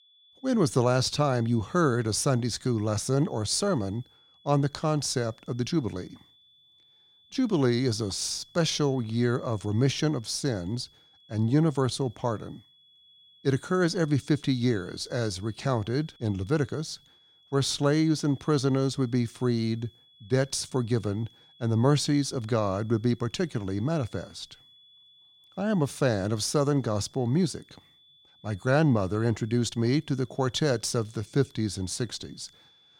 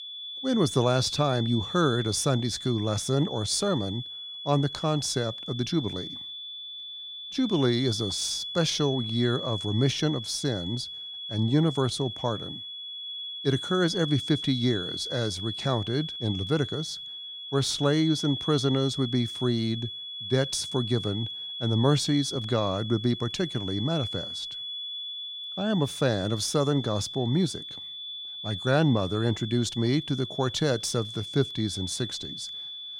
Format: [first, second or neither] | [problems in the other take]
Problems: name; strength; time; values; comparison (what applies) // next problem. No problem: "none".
first | high-pitched whine; loud; throughout; 3.5 kHz, 7 dB below the speech; faint in the first